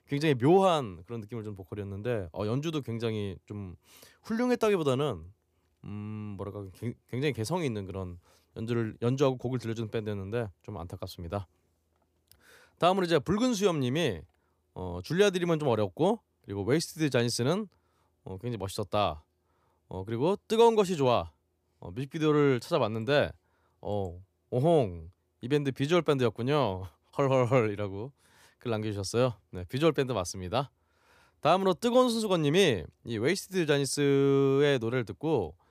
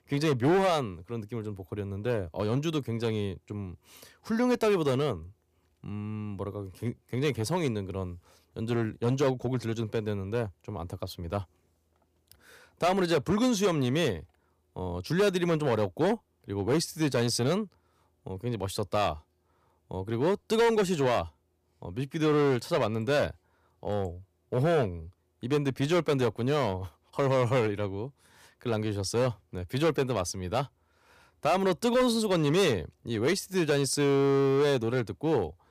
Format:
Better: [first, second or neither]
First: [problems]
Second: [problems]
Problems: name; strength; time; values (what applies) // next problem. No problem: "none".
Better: first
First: none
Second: distortion; slight; 6% of the sound clipped